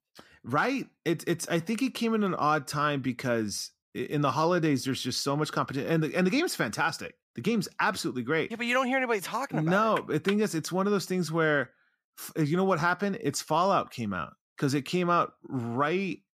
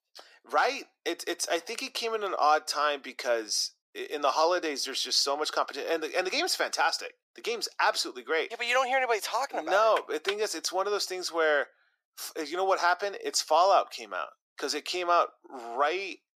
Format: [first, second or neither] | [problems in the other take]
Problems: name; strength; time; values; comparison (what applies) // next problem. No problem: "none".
first | thin; very; fading below 400 Hz